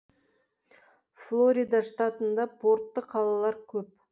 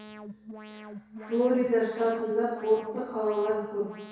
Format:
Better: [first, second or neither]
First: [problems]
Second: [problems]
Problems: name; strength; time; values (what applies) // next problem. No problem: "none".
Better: first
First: none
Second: background sound (Alarm); 15 dB below the speech // room echo; dies away in 1.1 s